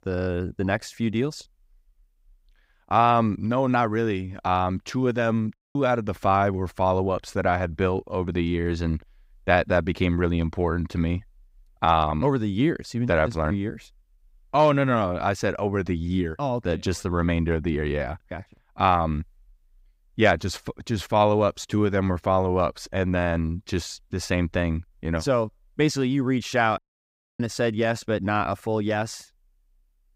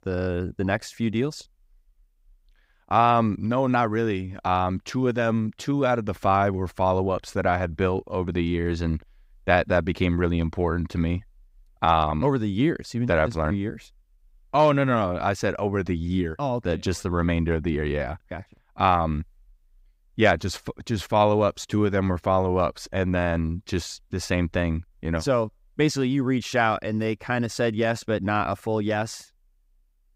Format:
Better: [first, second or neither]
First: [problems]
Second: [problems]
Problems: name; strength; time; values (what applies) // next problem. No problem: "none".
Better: second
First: audio cutting out; at 5.5 s and at 27 s for 0.5 s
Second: none